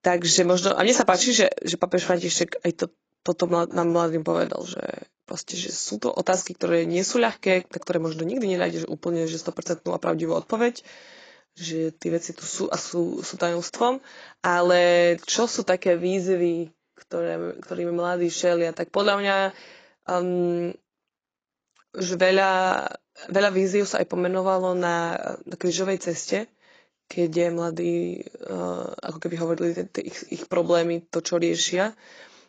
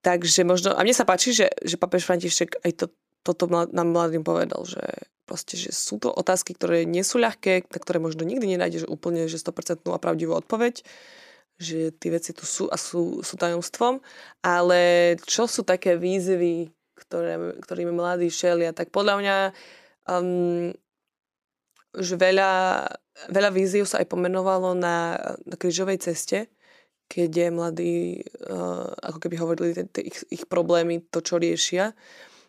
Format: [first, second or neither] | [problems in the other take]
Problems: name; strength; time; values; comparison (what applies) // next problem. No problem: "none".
second | garbled, watery; badly; nothing above 7.5 kHz